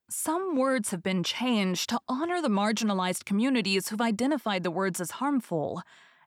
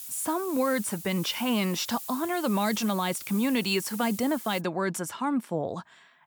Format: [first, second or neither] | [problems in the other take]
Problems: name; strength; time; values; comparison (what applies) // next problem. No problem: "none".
first | hiss; noticeable; until 4.5 s; 10 dB below the speech